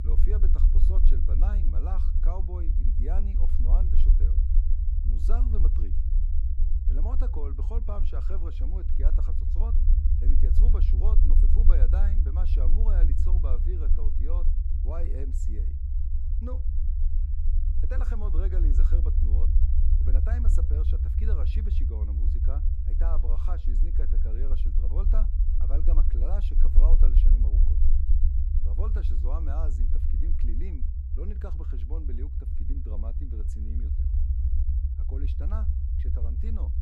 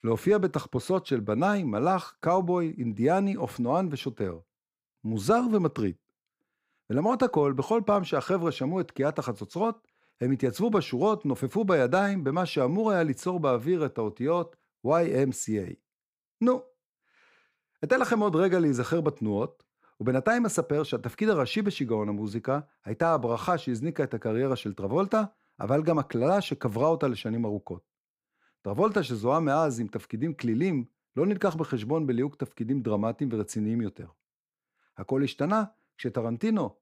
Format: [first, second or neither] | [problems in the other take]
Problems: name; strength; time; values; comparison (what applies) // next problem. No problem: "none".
second | low rumble; loud; throughout; 2 dB below the speech